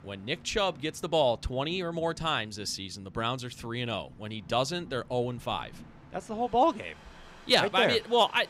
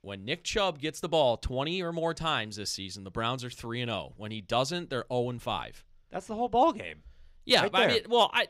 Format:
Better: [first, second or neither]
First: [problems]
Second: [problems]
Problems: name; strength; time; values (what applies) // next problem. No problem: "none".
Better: second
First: train or aircraft noise; faint; throughout; 25 dB below the speech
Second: none